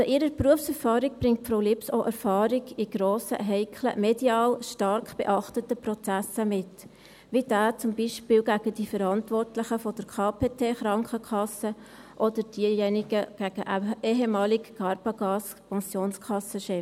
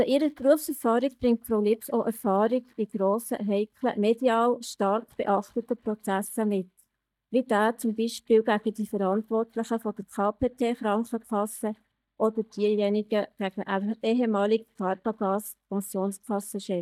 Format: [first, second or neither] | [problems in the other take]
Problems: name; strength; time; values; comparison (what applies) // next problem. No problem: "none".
first | noise reduction (neural mask model DeepFilterNet 3)